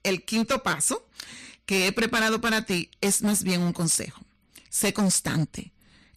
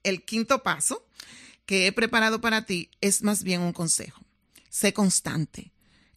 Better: second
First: distortion; heavy; 13% of the sound clipped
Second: none

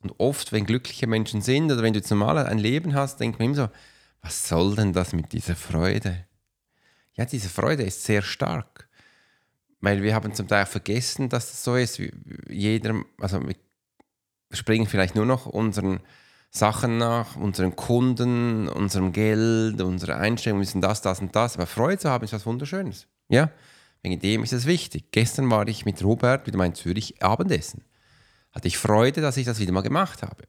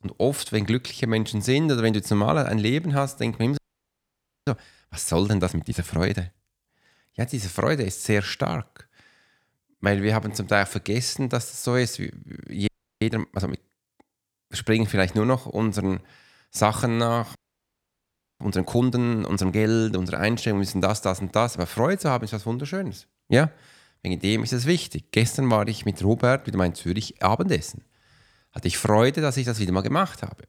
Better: first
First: none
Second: audio freezing; at 3.5 s for 1 s, at 13 s and at 17 s for 1 s

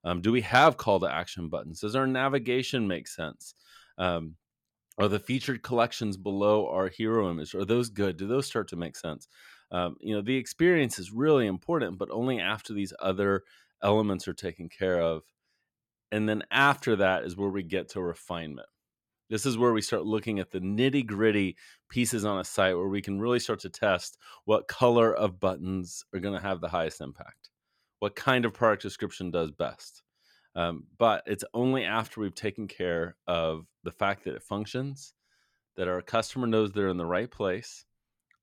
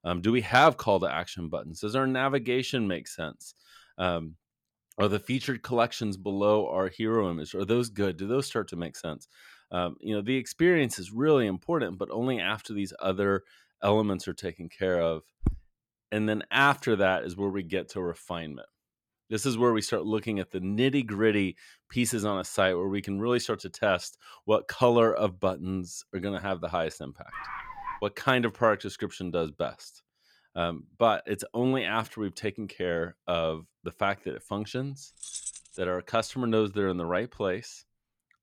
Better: first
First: none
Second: footsteps; noticeable; at 15 s; peak 6 dB below the speech // dog barking; noticeable; at 27 s; peak 10 dB below the speech // jangling keys; noticeable; at 35 s; peak 8 dB below the speech

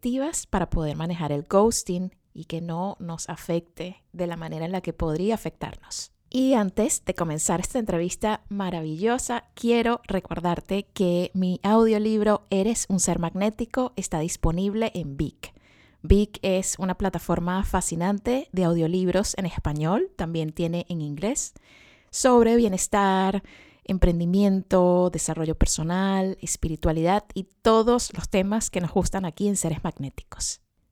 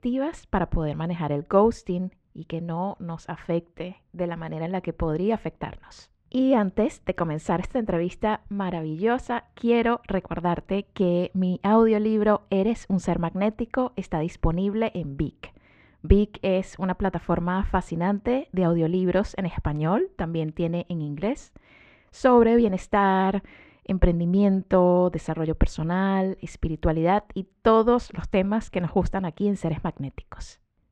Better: first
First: none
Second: muffled; very; fading above 2 kHz

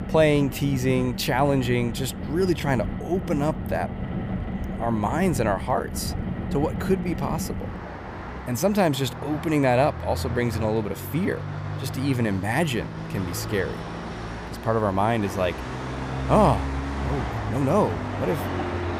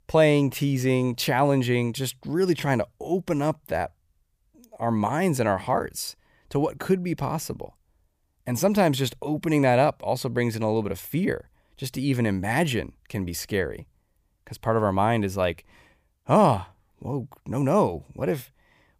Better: second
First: traffic noise; loud; throughout; 7 dB below the speech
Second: none

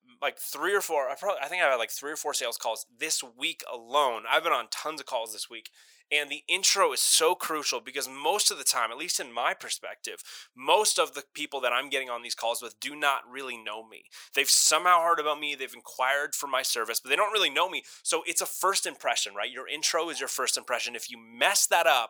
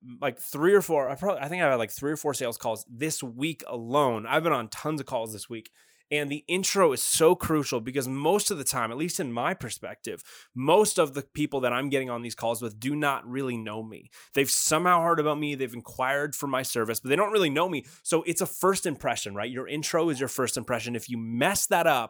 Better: second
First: thin; very; fading below 700 Hz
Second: none

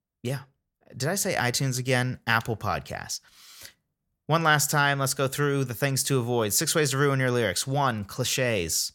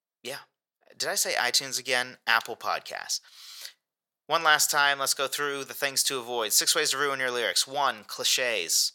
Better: first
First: none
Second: thin; very; fading below 550 Hz

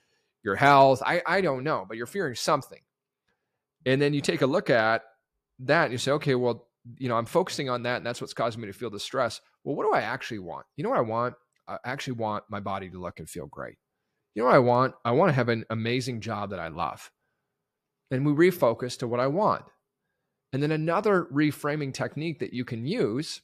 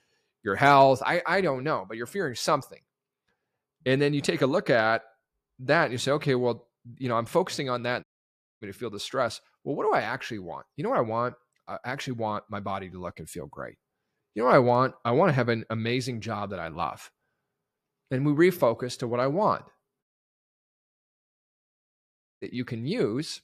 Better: first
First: none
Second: audio cutting out; at 8 s for 0.5 s and at 20 s for 2.5 s

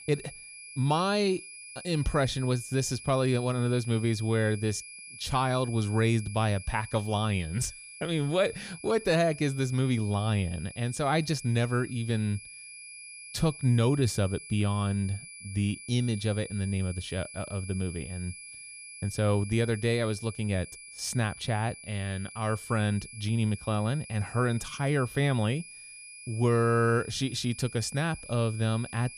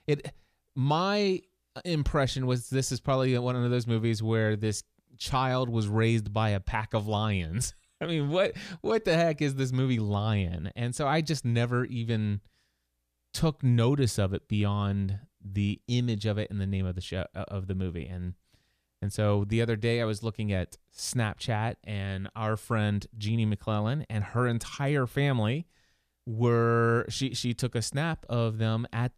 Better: second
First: high-pitched whine; noticeable; throughout; 2.5 kHz, 15 dB below the speech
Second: none

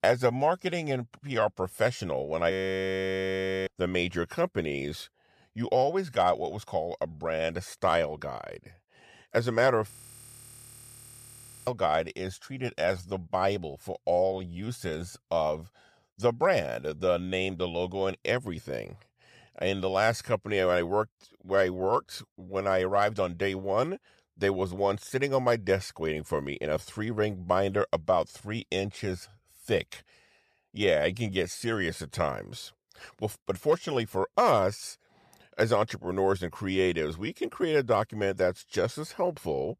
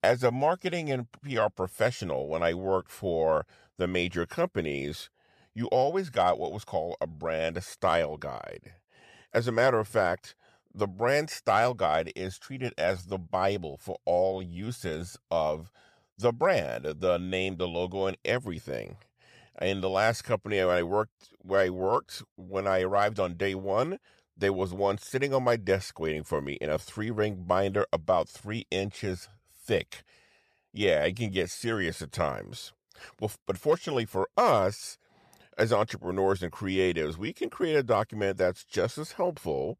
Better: second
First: audio freezing; at 2.5 s for 1 s and at 10 s for 2 s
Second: none

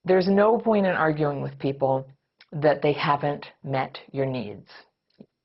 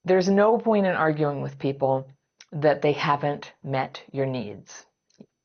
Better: second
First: garbled, watery; badly; nothing above 5.5 kHz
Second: garbled, watery; slightly; nothing above 6.5 kHz

